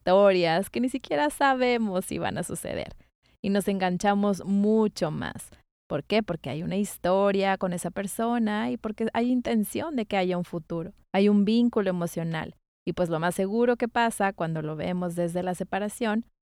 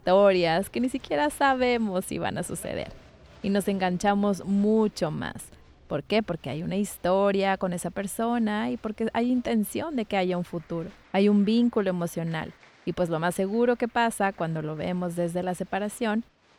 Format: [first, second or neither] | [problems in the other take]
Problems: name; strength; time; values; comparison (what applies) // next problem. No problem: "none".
first | crowd noise; faint; throughout; 30 dB below the speech